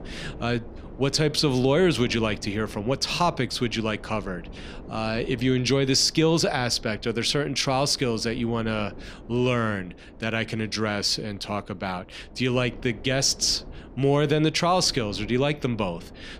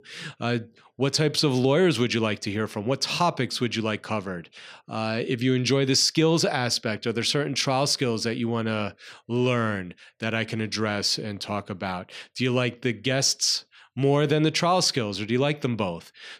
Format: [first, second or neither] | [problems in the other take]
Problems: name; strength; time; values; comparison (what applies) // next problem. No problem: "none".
second | wind noise on the microphone; occasional gusts; 20 dB below the speech